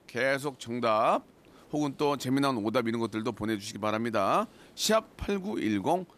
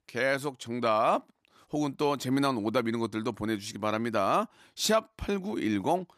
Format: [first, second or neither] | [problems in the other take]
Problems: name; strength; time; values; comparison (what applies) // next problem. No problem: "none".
second | hiss; faint; throughout; 30 dB below the speech